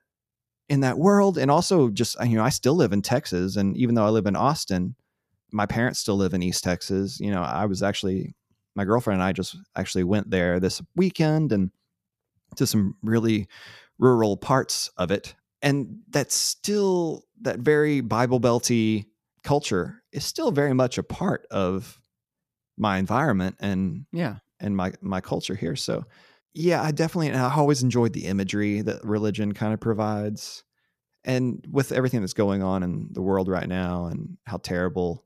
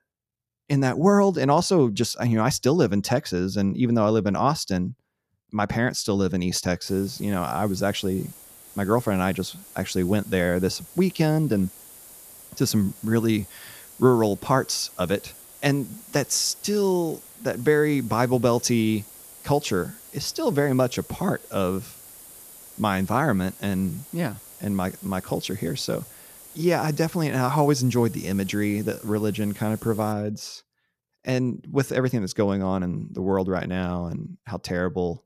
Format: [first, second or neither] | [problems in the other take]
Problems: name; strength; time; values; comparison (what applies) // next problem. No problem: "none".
first | hiss; noticeable; from 7 to 30 s; 20 dB below the speech